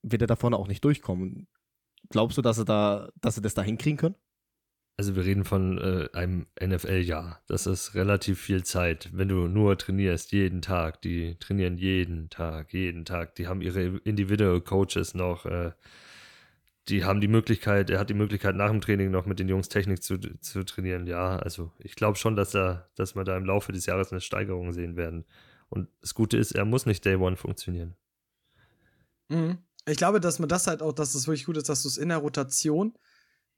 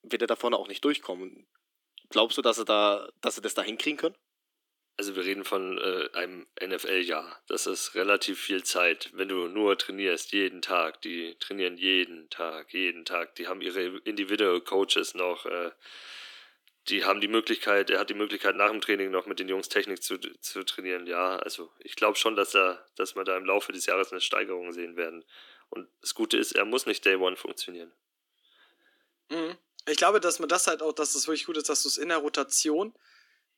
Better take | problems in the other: first | thin; very; fading below 300 Hz

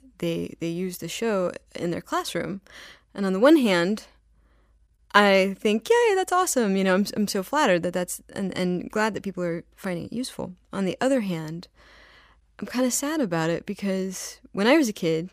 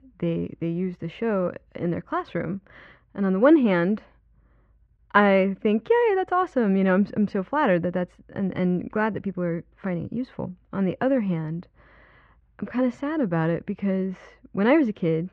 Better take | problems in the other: first | muffled; very; fading above 2 kHz

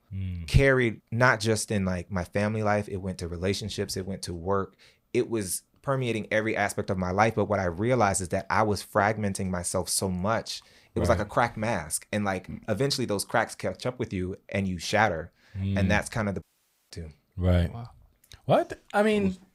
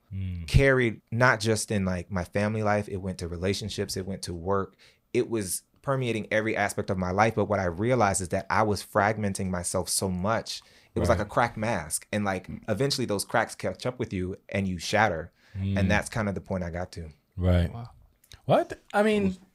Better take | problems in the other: second | audio cutting out; at 16 s

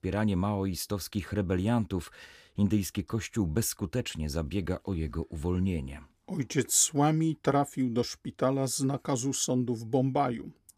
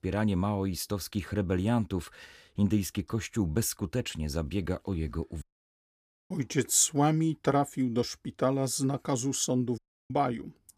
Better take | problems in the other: first | audio cutting out; at 5.5 s for 1 s and at 10 s

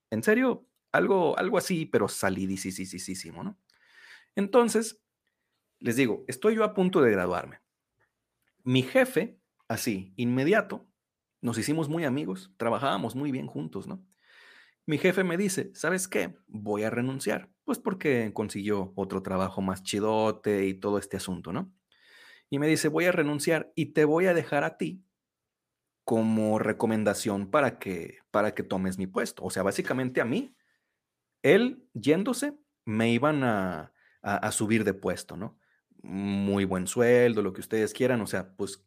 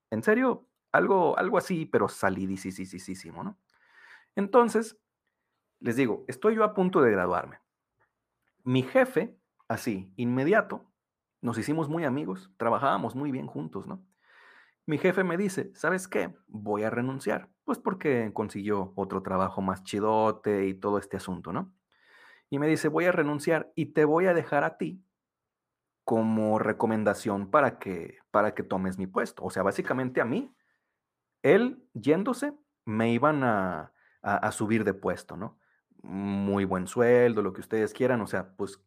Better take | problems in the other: first | muffled; slightly; fading above 2 kHz

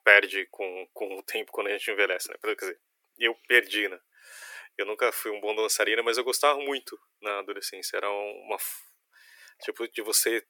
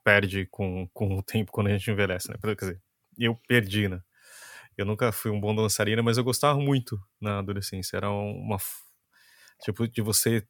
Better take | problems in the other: second | thin; very; fading below 350 Hz

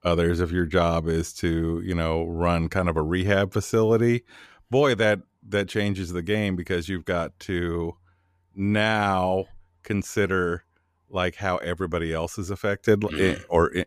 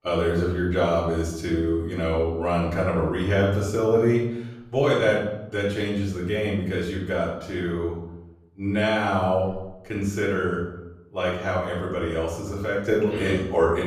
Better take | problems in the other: first | off-mic speech; far // room echo; noticeable; dies away in 0.8 s

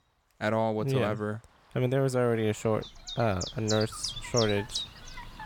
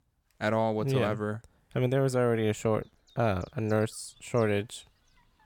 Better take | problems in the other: second | animal sounds; loud; throughout; 7 dB below the speech; faint in the second

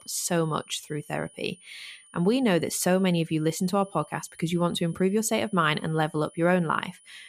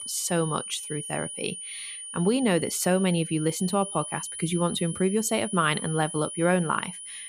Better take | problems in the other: first | high-pitched whine; loud; throughout; 9.5 kHz, 8 dB below the speech; faint in the first

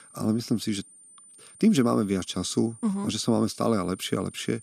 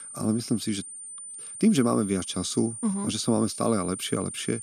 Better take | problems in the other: first | high-pitched whine; loud; throughout; 9 kHz, 9 dB below the speech; faint in the first

